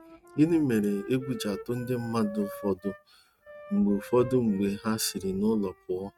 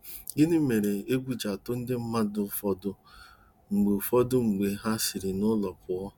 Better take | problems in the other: second | noise reduction (neural mask model RNNoise)

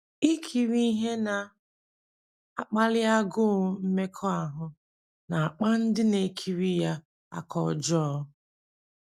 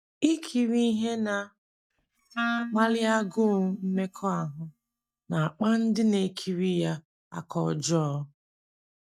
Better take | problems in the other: first | noise reduction (neural mask model DeepFilterNet 3)

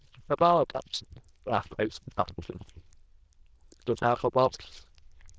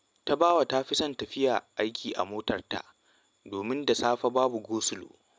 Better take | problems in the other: second | noise reduction (neural diffusion model UNIVERSE++)

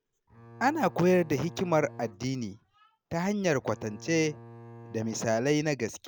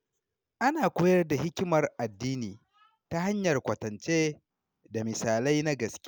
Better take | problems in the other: second | background sound (Bowed string instrument); 19 dB below the speech

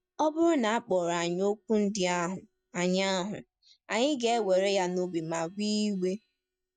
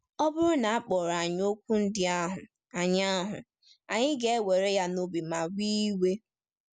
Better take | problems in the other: second | noise reduction (neural mask model DeepFilterNet 3)

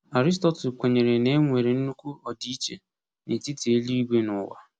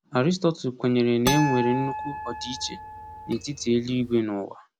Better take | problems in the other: first | background sound (Harp); 6 dB below the speech

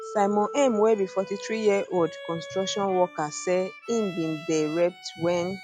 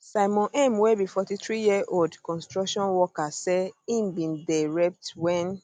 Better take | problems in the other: second | noise reduction (classical method log-MMSE)

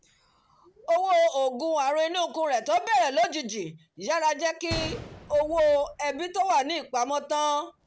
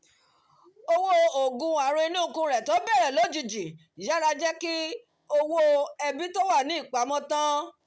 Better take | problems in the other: second | background sound (Gunshot, gunfire); 19 dB below the speech

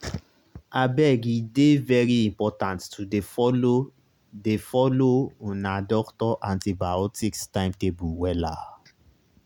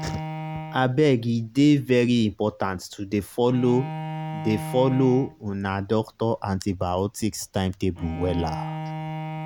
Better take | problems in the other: first | background sound (Bowed string instrument); 11 dB below the speech

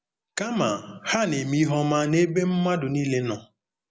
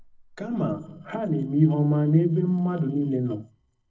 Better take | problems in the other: first | noise reduction (neural separator model SepFormer DNS4)

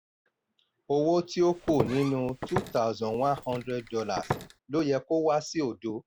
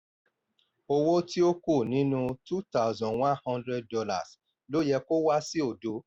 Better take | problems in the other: second | background sound (Walk, footsteps); 8 dB below the speech

